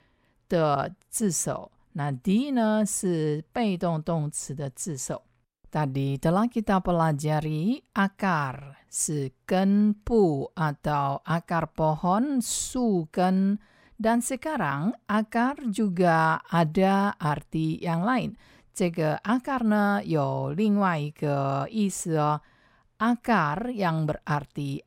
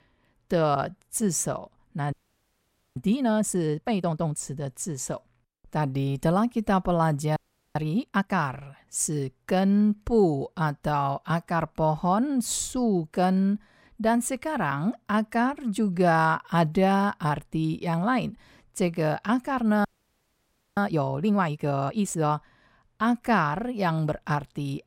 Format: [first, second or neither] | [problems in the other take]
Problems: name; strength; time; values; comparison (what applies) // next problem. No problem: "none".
first | audio freezing; at 2 s for 1 s, at 7.5 s and at 20 s for 1 s